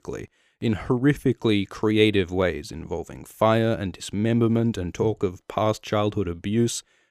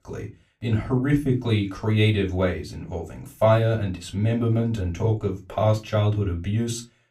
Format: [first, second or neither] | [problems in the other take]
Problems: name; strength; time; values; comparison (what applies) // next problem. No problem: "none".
first | off-mic speech; far // room echo; very slight; dies away in 0.2 s